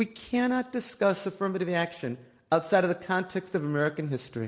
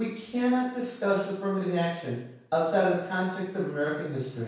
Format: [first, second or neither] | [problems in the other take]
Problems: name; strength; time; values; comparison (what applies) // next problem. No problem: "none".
first | room echo; dies away in 0.7 s